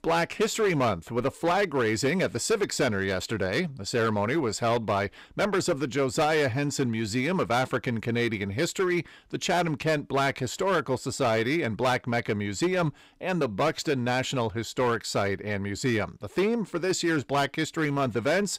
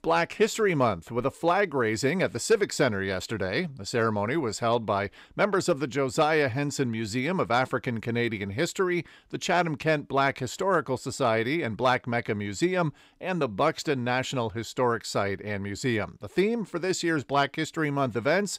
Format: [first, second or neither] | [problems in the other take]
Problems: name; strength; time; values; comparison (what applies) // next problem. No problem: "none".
second | distortion; slight; 9% of the sound clipped